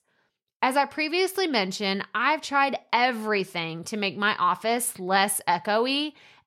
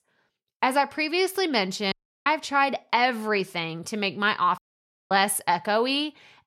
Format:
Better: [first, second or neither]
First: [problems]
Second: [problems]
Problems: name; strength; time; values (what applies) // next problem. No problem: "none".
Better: first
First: none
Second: audio cutting out; at 2 s and at 4.5 s for 0.5 s